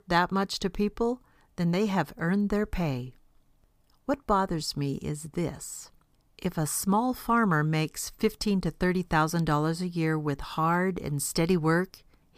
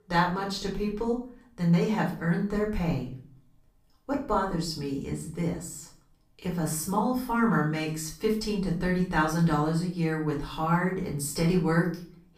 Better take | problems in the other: first | off-mic speech; far // room echo; slight; dies away in 0.4 s

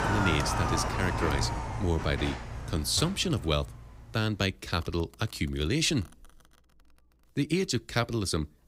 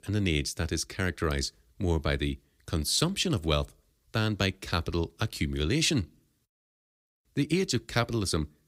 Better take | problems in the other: second | household noises; loud; throughout; 4 dB below the speech

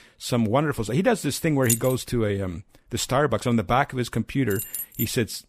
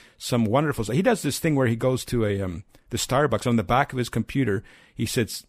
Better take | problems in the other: second | jangling keys; noticeable; at 1.5 s and at 4.5 s; peak 1 dB below the speech

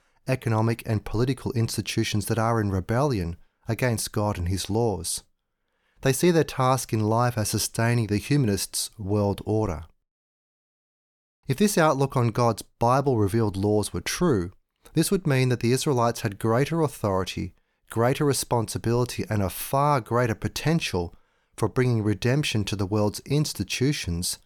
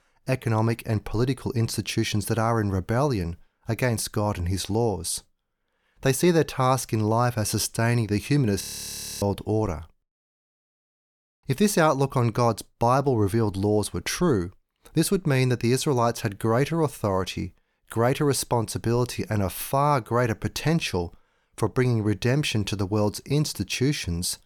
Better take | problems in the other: first | audio freezing; at 8.5 s for 0.5 s

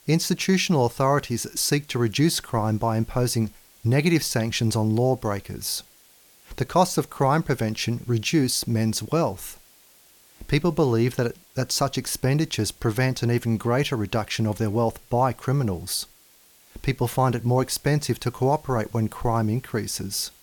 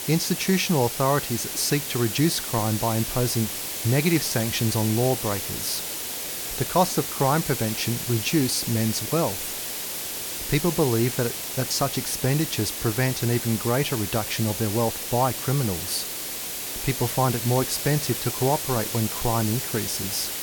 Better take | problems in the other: first | hiss; loud; throughout; 3 dB below the speech; faint in the first

